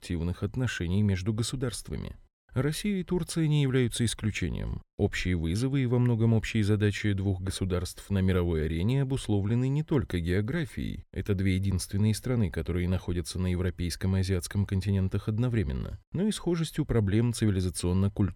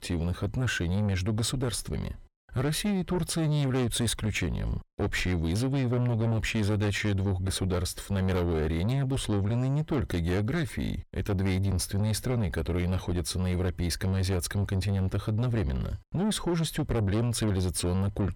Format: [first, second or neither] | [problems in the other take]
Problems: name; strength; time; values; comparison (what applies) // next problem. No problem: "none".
first | distortion; heavy; 7 dB below the speech